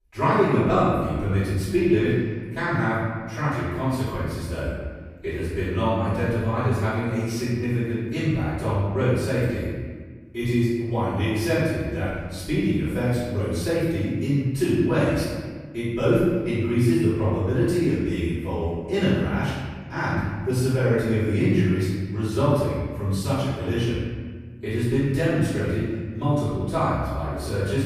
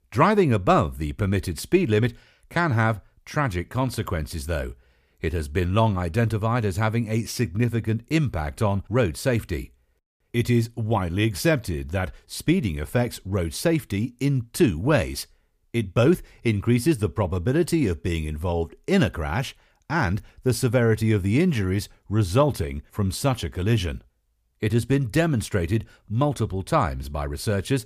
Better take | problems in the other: second | off-mic speech; far // room echo; strong; dies away in 1.5 s

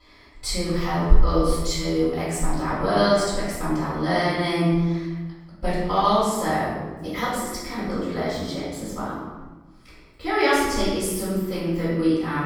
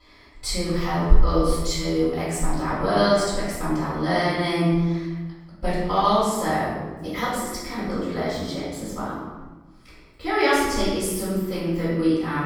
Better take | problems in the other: neither | room echo; strong; dies away in 1.2 s; the same in both // off-mic speech; far; the same in both

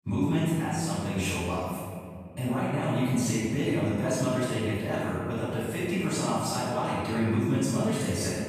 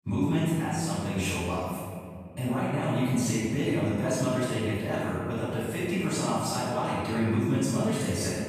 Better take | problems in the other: neither | off-mic speech; far; the same in both // room echo; strong; dies away in 2.2 s; the same in both

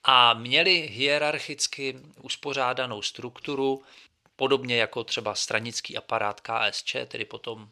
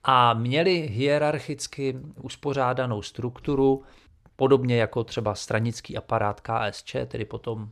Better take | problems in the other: second | thin; somewhat; fading below 900 Hz

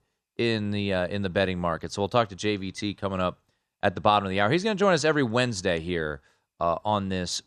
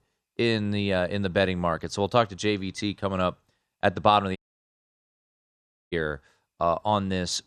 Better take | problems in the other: first | audio cutting out; at 4.5 s for 1.5 s

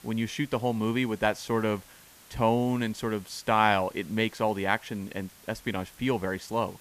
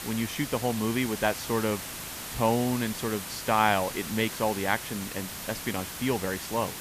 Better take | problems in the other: first | hiss; loud; throughout; 7 dB below the speech; faint in the first

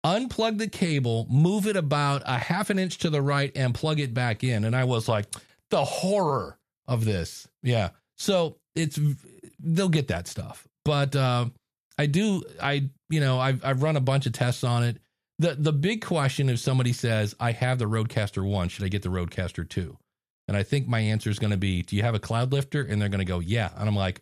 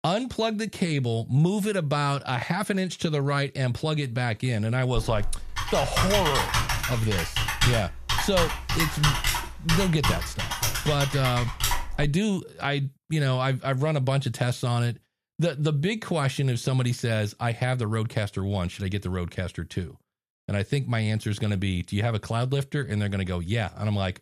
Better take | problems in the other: first | keyboard typing; loud; from 5 to 12 s; peak 3 dB above the speech

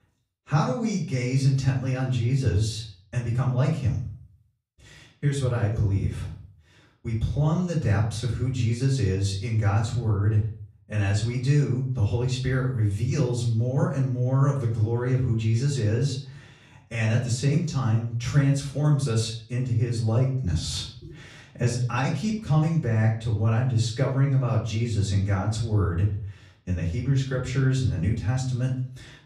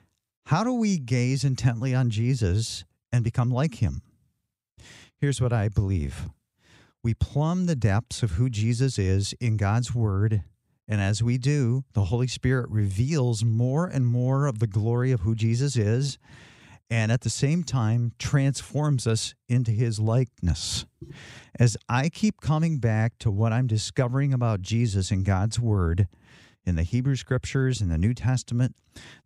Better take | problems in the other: second | off-mic speech; far // room echo; slight; dies away in 0.4 s

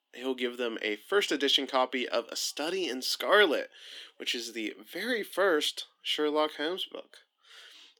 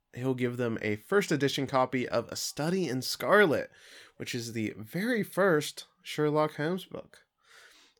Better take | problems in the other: second | thin; very slightly; fading below 250 Hz

